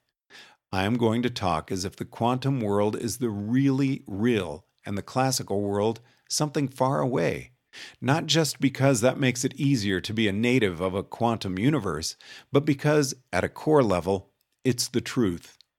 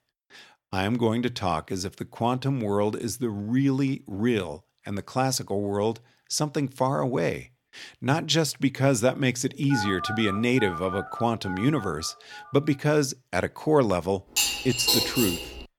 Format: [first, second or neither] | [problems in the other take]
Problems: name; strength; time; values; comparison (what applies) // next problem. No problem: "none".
first | phone ringing; noticeable; from 9.5 to 13 s; peak 4 dB below the speech // clattering dishes; loud; from 14 s on; peak 4 dB above the speech